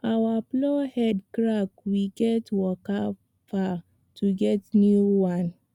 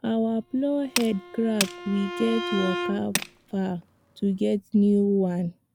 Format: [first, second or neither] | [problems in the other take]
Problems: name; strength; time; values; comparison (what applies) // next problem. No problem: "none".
first | background sound (Bowed string instrument + Tools); 8 dB below the speech